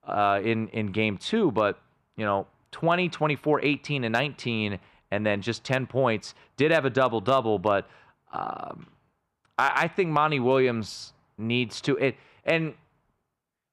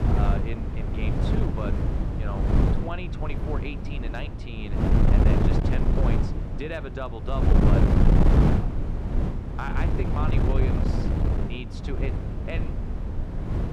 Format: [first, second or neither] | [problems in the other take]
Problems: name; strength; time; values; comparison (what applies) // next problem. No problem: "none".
first | wind noise on the microphone; heavy; 3 dB above the speech